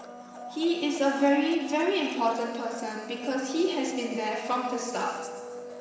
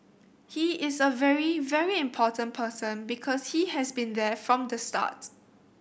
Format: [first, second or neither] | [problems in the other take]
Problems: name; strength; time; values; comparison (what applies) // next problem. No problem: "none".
second | background sound (Domestic sounds, home sounds); 13 dB below the speech // room echo; dies away in 1.2 s